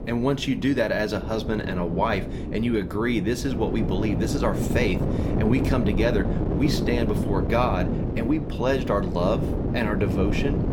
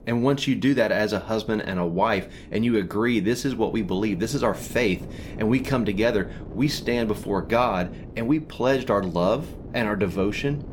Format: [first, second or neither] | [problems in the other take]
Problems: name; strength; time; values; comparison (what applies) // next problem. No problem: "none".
second | wind noise on the microphone; heavy; 6 dB below the speech; occasional gusts in the second